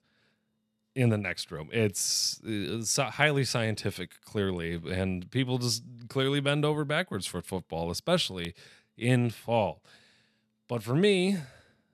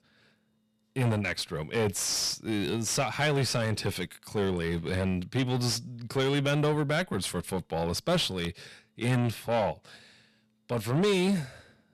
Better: first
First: none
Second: distortion; heavy; 7 dB below the speech

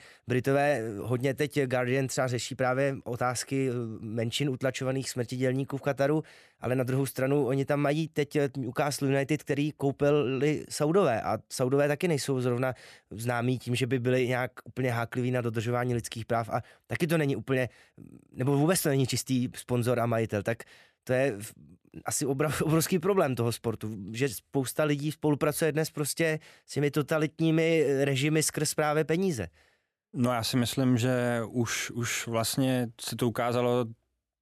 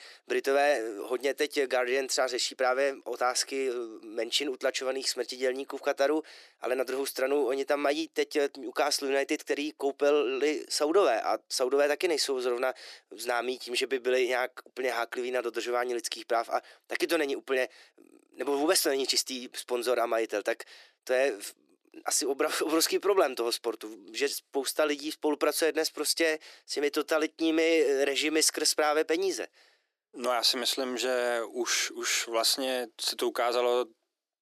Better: first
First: none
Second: thin; somewhat; fading below 350 Hz

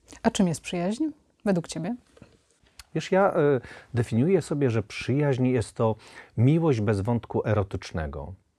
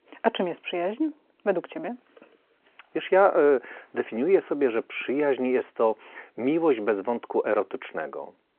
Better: first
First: none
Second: phone-call audio

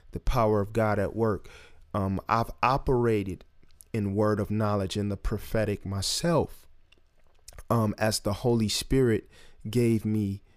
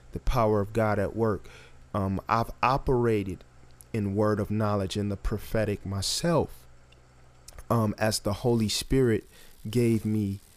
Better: first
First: none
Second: traffic noise; faint; throughout; 30 dB below the speech

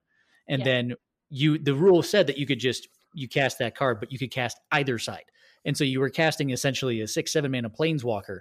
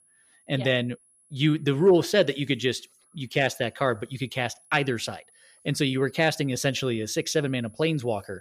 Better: first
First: none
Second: high-pitched whine; faint; throughout; 10.5 kHz, 30 dB below the speech

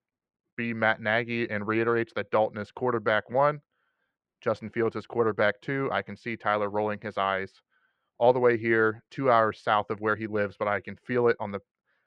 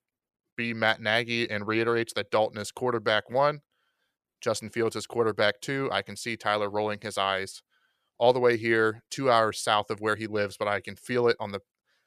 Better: second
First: muffled; very; fading above 2 kHz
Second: none

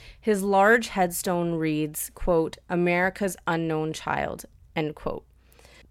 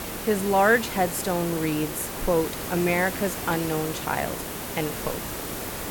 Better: first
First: none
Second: hiss; loud; throughout; 6 dB below the speech

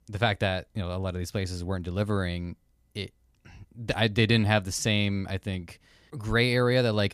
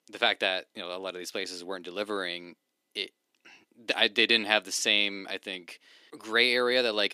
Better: first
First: none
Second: thin; somewhat; fading below 300 Hz

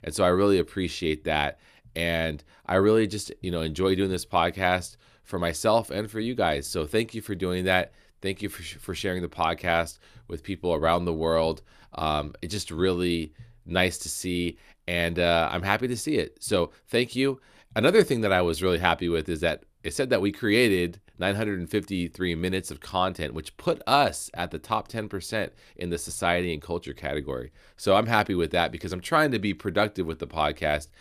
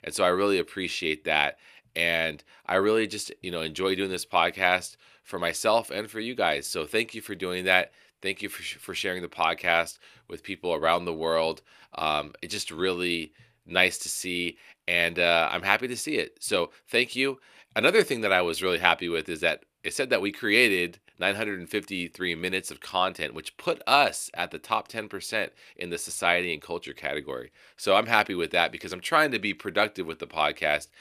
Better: first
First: none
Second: thin; very slightly; fading below 950 Hz

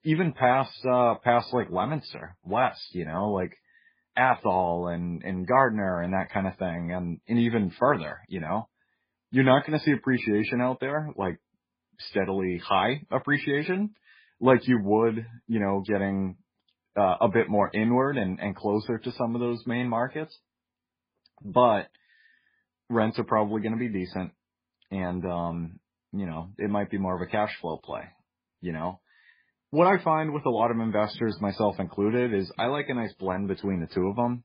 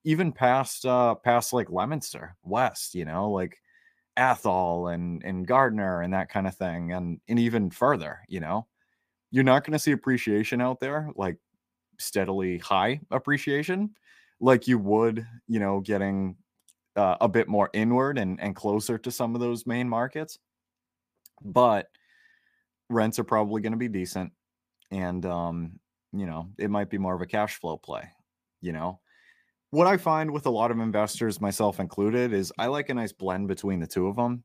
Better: second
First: garbled, watery; badly; nothing above 5 kHz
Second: none

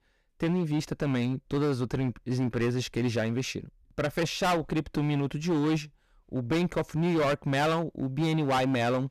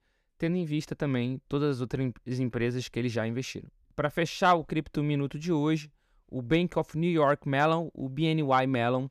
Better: second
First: distortion; heavy; 14% of the sound clipped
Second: none

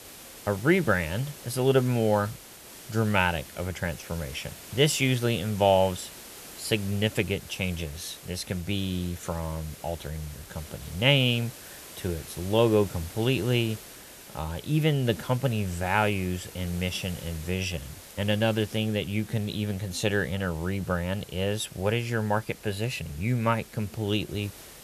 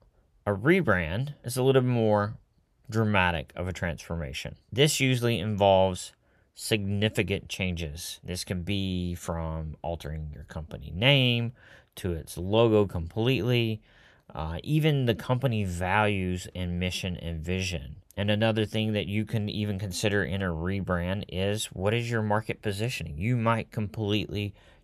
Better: second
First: hiss; noticeable; throughout; 15 dB below the speech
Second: none

